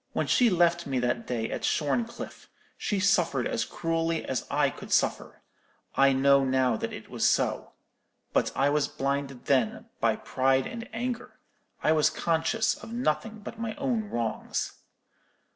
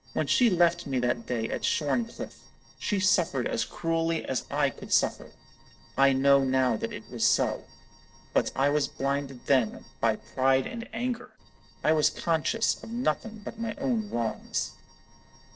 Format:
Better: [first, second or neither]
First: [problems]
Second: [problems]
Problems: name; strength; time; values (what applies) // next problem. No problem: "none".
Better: first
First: none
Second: noise reduction (neural separator model SepFormer DNS4)